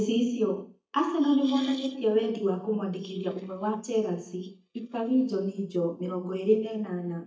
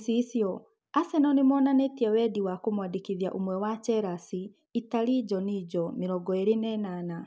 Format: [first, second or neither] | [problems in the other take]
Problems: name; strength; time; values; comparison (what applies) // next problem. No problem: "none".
second | noise reduction (neural mask model DeepFilterNet 3)